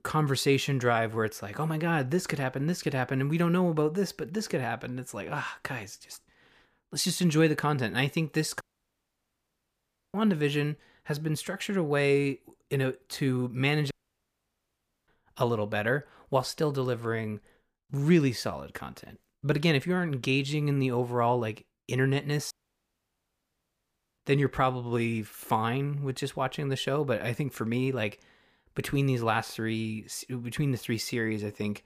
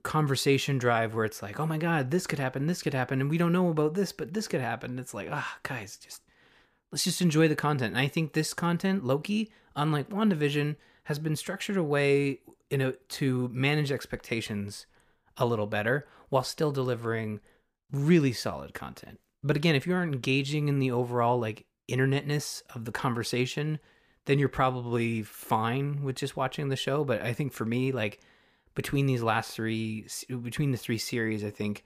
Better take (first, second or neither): second